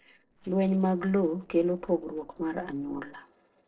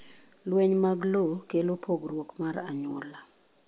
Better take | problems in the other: second | noise reduction (neural separator model SepFormer DNS4)

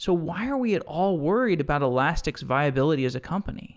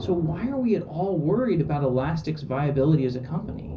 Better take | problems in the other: first | background sound (Thunder); 15 dB below the speech // room echo; dies away in 0.4 s

